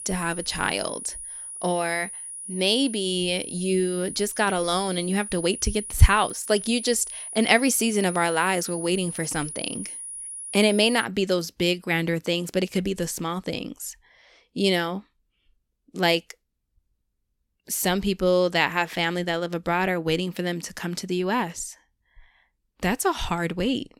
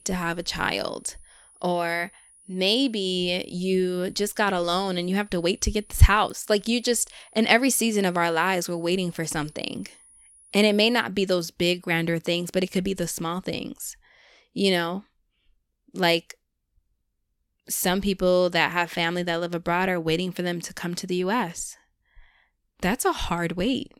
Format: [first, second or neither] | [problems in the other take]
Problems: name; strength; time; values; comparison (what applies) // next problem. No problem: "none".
second | high-pitched whine; loud; until 11 s; 10.5 kHz, 9 dB below the speech; faint in the second